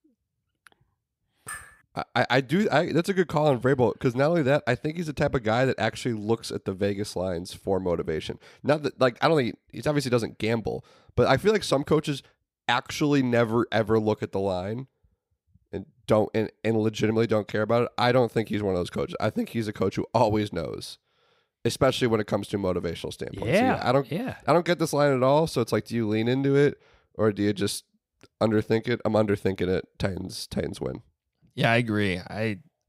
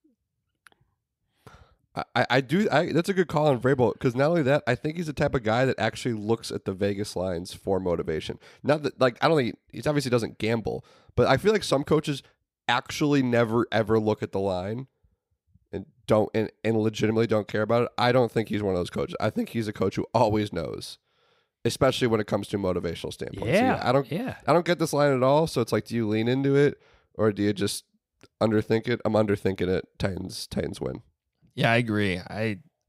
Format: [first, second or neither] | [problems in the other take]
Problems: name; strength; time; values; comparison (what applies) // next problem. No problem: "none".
second | clattering dishes; faint; at 1.5 s; peak 15 dB below the speech